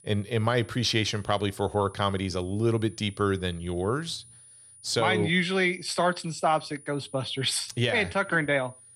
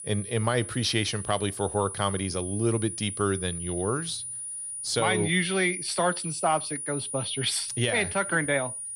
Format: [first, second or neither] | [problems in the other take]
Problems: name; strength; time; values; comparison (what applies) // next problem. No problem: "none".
first | high-pitched whine; loud; throughout; 9.5 kHz, 6 dB below the speech; faint in the first